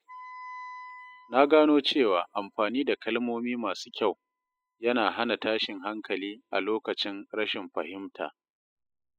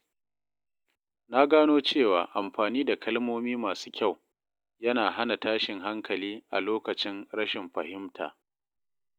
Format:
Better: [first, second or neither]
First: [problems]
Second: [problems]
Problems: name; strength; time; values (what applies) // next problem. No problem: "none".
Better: second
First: noise reduction (classical method spectral subtraction)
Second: none